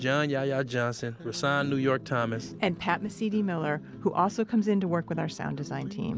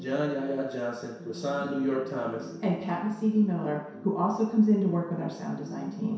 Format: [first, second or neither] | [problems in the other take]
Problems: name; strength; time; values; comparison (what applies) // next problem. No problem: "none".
first | room echo; dies away in 0.7 s